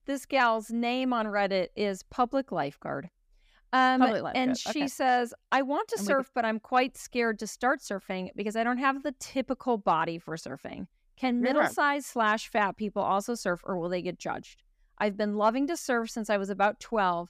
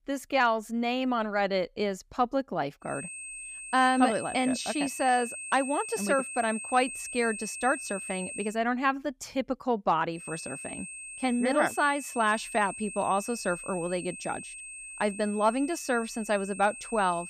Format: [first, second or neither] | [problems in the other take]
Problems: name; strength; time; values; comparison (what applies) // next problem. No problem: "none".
first | high-pitched whine; loud; from 3 to 8.5 s and from 10 s on; 2.5 kHz, 9 dB below the speech